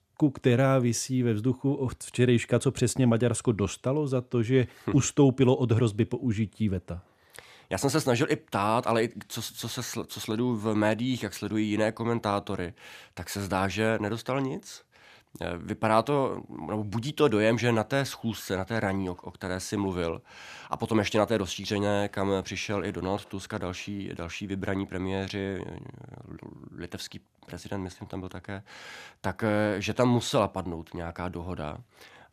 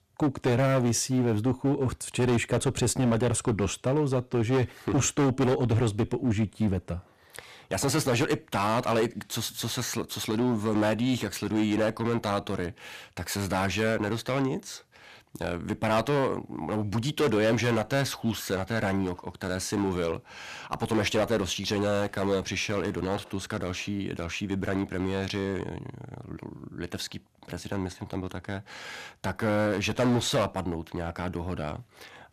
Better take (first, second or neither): first